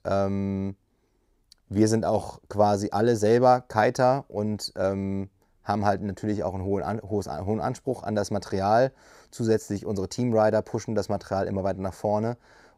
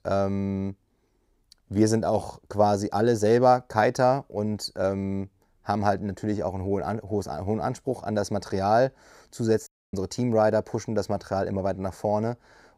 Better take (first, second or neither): first